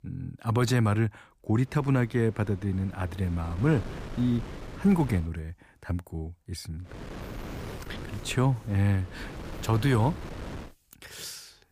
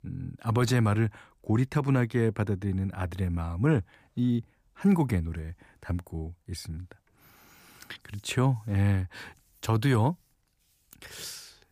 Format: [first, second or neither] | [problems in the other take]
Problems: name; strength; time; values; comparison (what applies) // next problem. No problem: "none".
second | wind noise on the microphone; occasional gusts; from 1.5 to 5 s and from 7 to 11 s; 10 dB below the speech